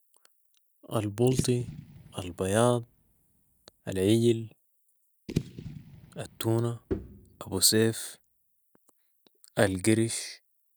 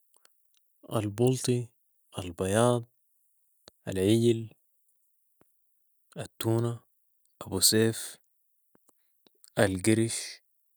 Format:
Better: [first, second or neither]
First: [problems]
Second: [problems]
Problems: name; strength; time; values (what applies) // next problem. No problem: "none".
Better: second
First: background sound (Fireworks / Boom + Bowed string instrument); 11 dB below the speech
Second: none